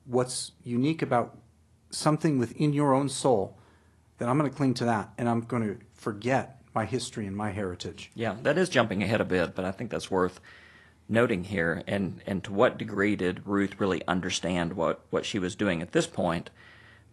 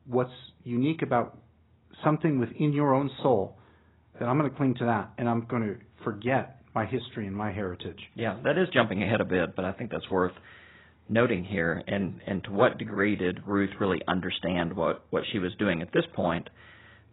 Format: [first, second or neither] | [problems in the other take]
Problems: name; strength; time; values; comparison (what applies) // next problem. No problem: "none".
first | garbled, watery; badly; nothing above 4 kHz; slightly in the first